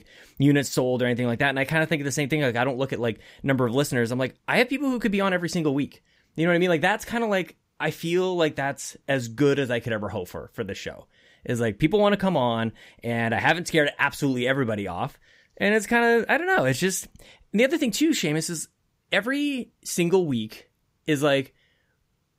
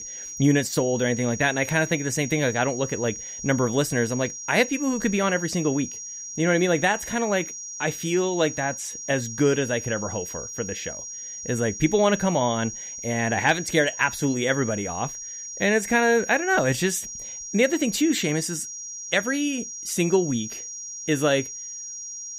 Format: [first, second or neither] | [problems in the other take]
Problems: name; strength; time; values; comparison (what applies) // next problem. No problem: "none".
first | high-pitched whine; loud; throughout; 6 kHz, 9 dB below the speech